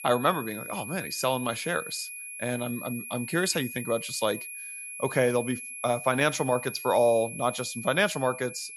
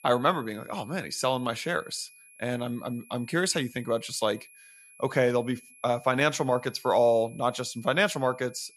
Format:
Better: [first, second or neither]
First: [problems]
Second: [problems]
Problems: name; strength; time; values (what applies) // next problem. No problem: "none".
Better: second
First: high-pitched whine; loud; throughout; 2.5 kHz, 9 dB below the speech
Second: high-pitched whine; faint; throughout; 2.5 kHz, 25 dB below the speech